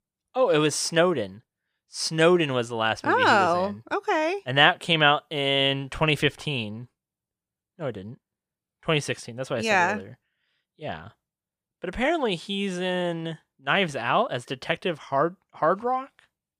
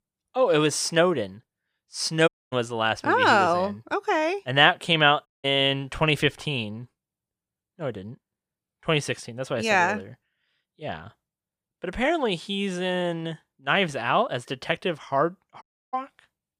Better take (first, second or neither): first